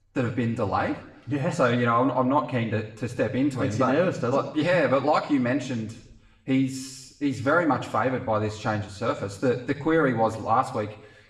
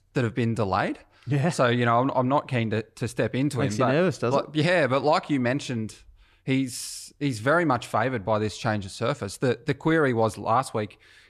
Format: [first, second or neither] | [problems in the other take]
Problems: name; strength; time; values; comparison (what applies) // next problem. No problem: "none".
second | room echo; slight; dies away in 0.7 s // off-mic speech; far